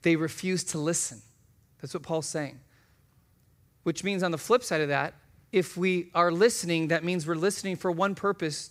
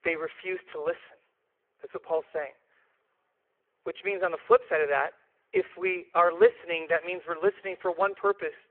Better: first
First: none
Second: phone-call audio; poor line

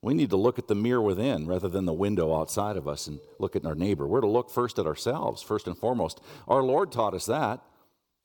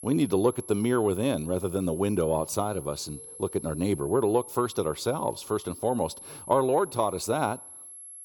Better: first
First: none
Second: high-pitched whine; noticeable; throughout; 11 kHz, 15 dB below the speech

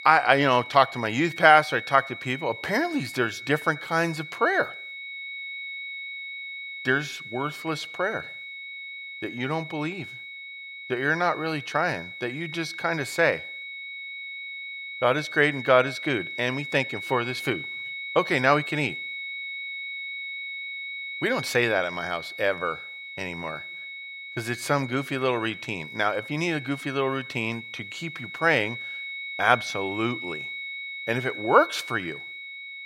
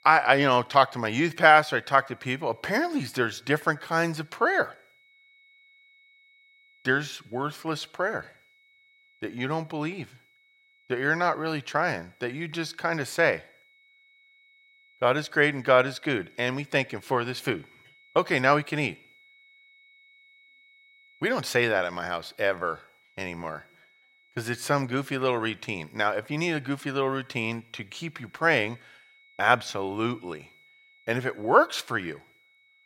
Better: second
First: high-pitched whine; loud; throughout; 2 kHz, 10 dB below the speech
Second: high-pitched whine; faint; throughout; 2 kHz, 30 dB below the speech

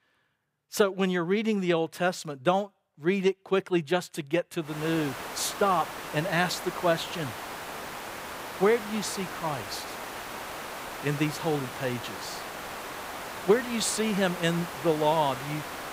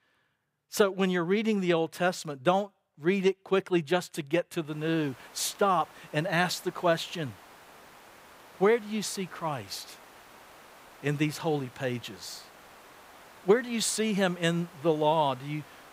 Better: second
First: hiss; loud; from 4.5 s on; 9 dB below the speech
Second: hiss; faint; from 4.5 s on; 25 dB below the speech

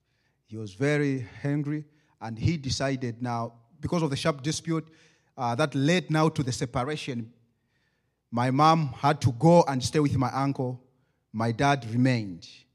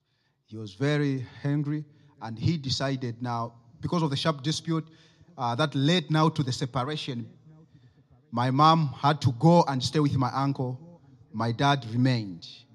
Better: first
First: none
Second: room echo; slight; dies away in 3 s

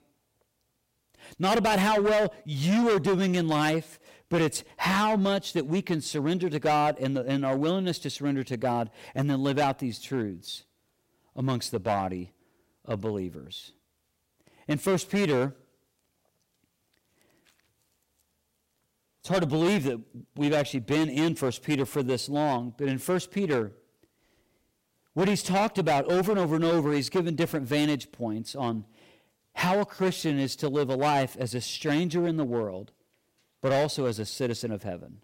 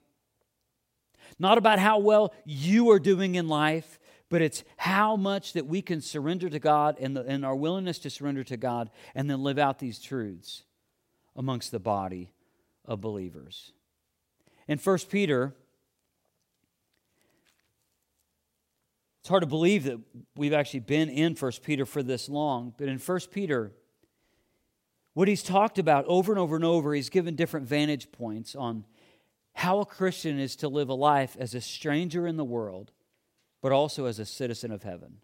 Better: second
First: distortion; heavy; 9% of the sound clipped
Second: none

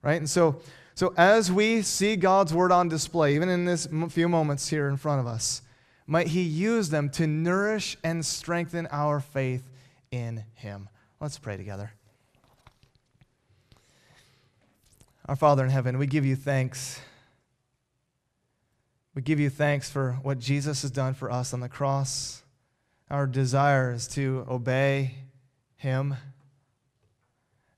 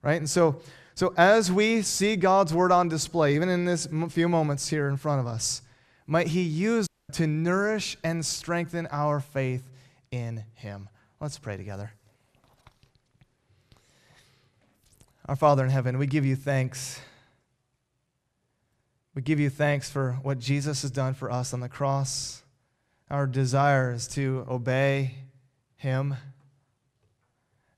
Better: first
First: none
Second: audio cutting out; at 7 s

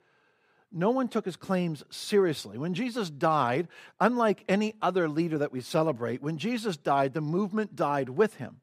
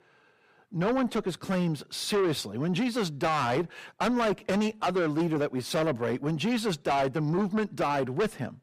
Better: first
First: none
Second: distortion; heavy; 6 dB below the speech

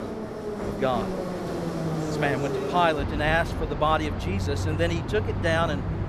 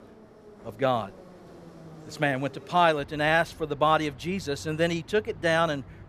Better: second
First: train or aircraft noise; loud; throughout; 3 dB below the speech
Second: train or aircraft noise; faint; throughout; 20 dB below the speech

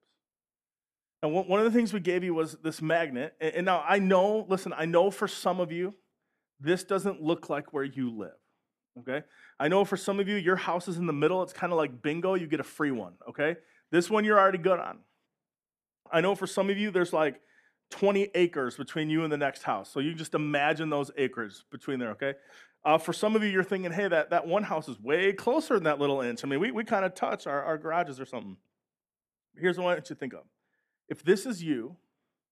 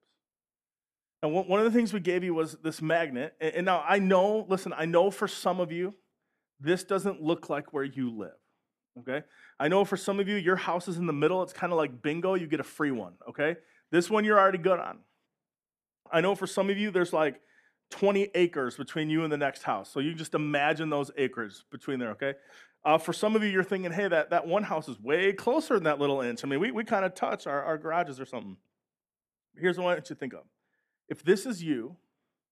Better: neither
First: none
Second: none

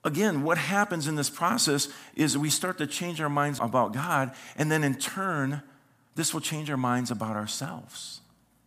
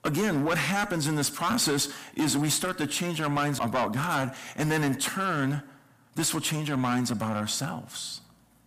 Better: first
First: none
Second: distortion; heavy; 7 dB below the speech

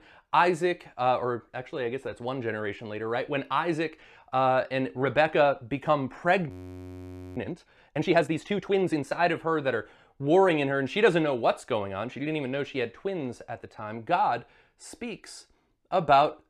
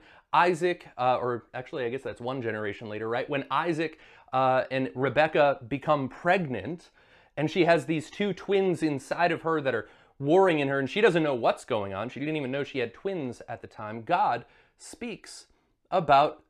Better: second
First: audio freezing; at 6.5 s for 1 s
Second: none

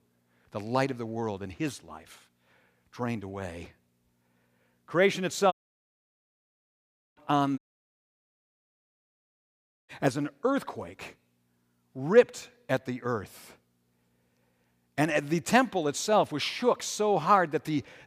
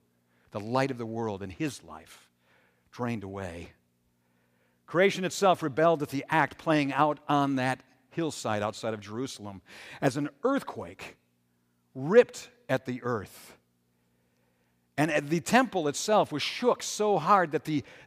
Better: second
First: audio cutting out; at 5.5 s for 1.5 s and at 7.5 s for 2.5 s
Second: none

